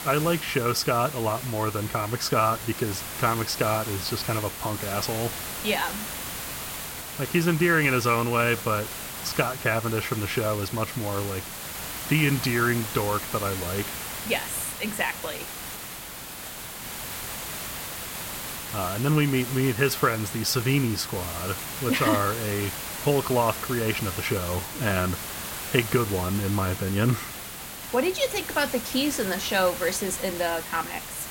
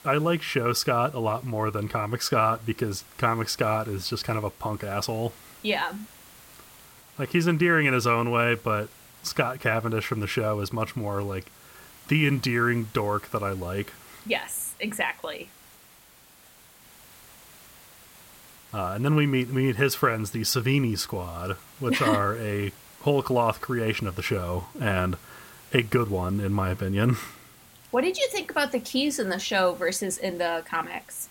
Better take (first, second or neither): second